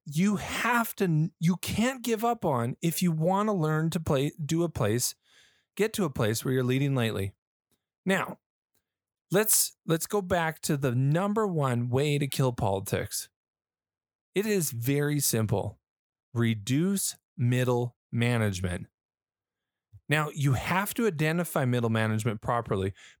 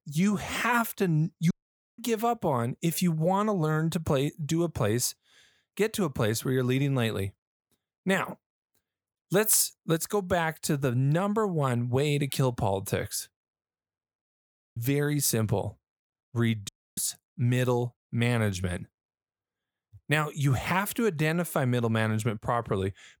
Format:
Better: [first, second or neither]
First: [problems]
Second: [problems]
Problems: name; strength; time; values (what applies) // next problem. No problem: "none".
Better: first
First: none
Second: audio cutting out; at 1.5 s, at 14 s and at 17 s